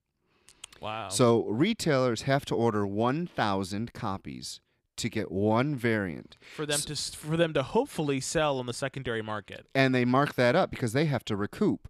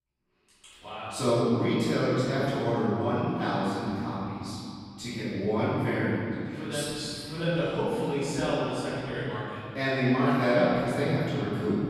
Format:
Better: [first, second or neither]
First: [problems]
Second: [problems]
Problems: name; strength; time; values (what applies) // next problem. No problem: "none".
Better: first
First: none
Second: off-mic speech; far // room echo; strong; dies away in 2.4 s